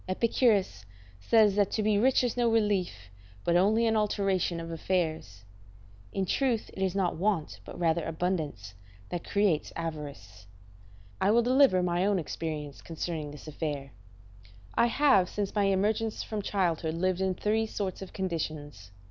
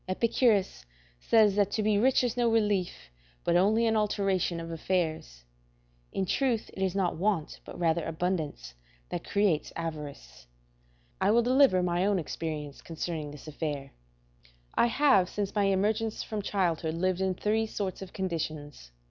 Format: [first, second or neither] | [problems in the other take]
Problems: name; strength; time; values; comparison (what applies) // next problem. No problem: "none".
second | background sound (Mechanical fan); 19 dB below the speech